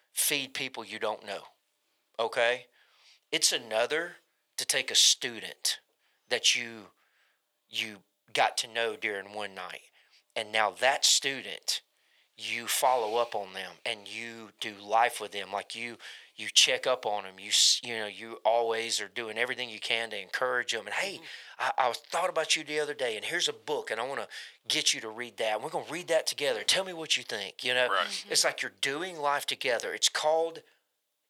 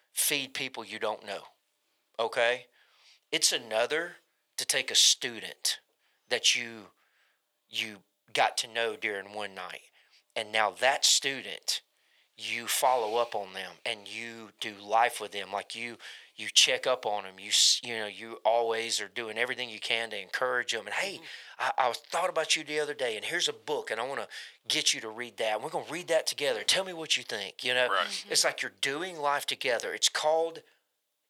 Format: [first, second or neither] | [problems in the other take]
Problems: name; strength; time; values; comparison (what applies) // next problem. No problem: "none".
neither | thin; very; fading below 900 Hz; the same in both